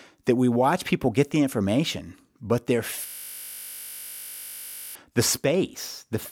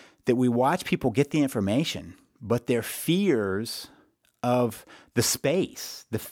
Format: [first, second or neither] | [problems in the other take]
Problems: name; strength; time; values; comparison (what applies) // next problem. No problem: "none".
second | audio freezing; at 3 s for 2 s